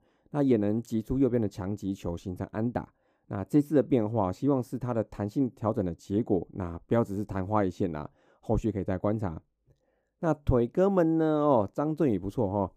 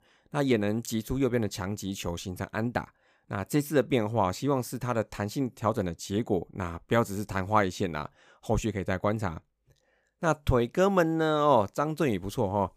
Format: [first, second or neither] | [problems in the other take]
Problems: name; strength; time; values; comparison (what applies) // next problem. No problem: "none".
second | muffled; slightly; fading above 1 kHz